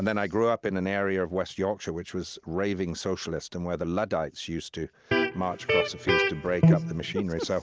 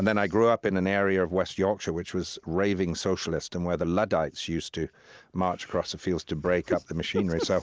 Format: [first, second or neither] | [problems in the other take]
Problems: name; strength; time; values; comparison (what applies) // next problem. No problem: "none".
second | background sound (Electric guitar); 4 dB above the speech